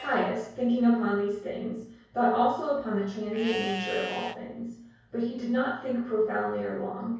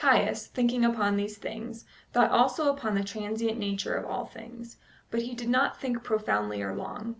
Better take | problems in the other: second | background sound (Livestock, farm animals, working animals); 15 dB below the speech // room echo; dies away in 0.6 s

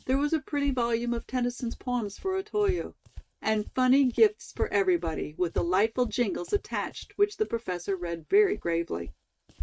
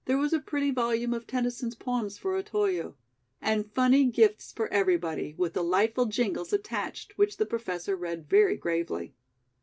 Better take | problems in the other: second | noise reduction (neural mask model RNNoise)

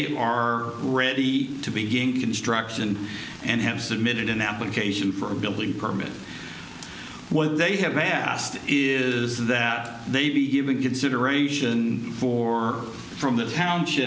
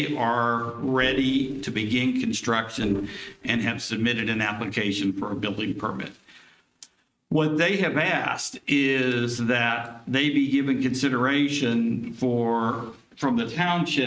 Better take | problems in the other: first | noise reduction (neural mask model RNNoise)

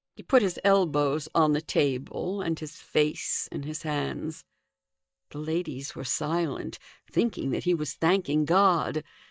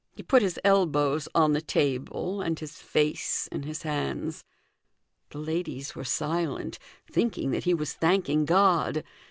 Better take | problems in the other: second | noise reduction (neural mask model DeepFilterNet 3)

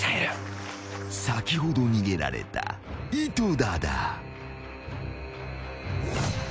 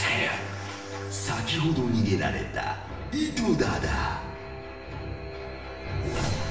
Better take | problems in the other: first | room echo; dies away in 0.9 s

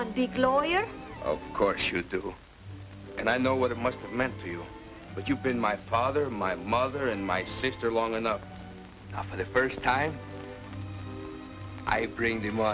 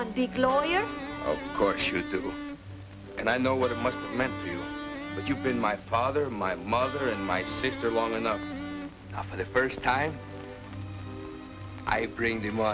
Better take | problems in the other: first | background sound (Electric guitar); 9 dB below the speech

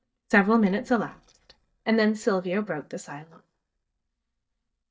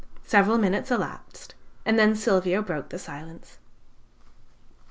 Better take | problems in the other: second | noise reduction (neural mask model DeepFilterNet 3)

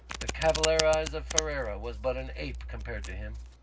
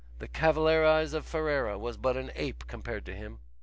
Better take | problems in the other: second | background sound (Domestic sounds, home sounds); 7 dB below the speech // room echo; dies away in 0.4 s

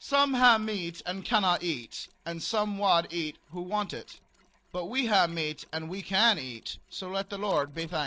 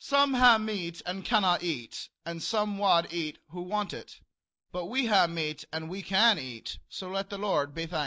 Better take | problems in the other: second | noise reduction (neural separator model SepFormer DNS4)

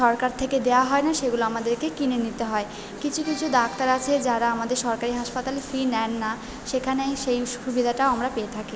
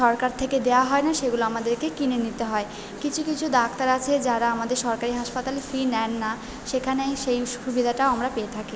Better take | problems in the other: second | background sound (Accordion); 16 dB below the speech

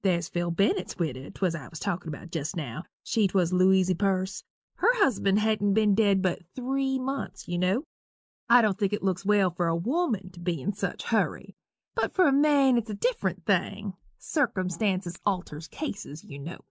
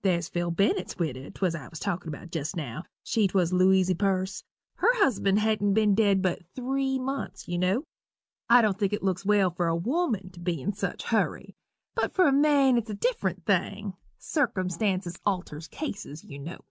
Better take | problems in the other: second | noise reduction (neural mask model Resemble Enhance denoiser)

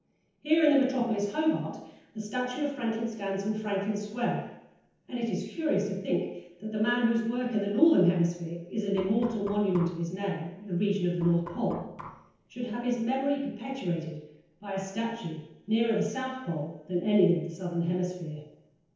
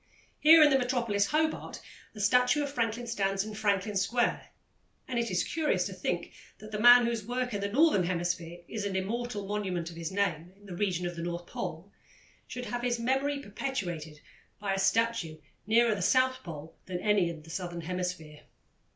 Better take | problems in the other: second | noise reduction (neural separator model SepFormer DNS4)

